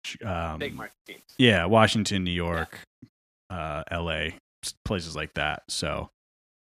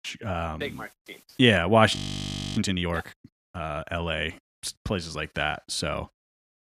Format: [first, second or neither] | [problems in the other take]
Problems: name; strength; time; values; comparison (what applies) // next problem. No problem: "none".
first | audio freezing; at 2 s for 0.5 s